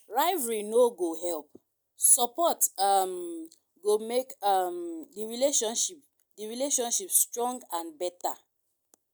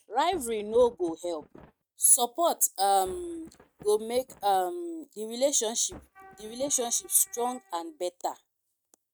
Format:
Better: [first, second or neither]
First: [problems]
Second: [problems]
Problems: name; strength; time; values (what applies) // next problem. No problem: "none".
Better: first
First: none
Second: noise reduction (neural mask model RNNoise)